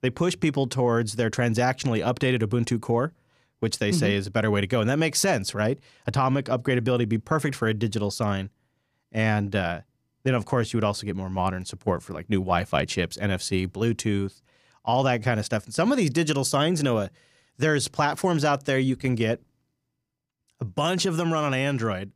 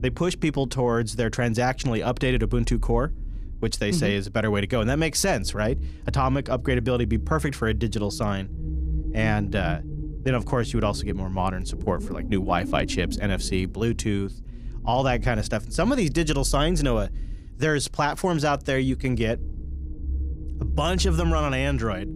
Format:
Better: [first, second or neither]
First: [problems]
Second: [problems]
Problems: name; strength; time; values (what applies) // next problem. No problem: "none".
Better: first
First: none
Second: low rumble; noticeable; throughout; 20 dB below the speech